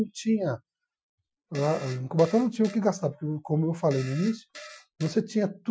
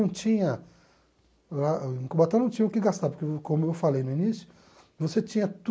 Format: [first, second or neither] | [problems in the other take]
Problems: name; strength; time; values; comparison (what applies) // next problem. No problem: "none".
second | noise reduction (classical method Wiener filter)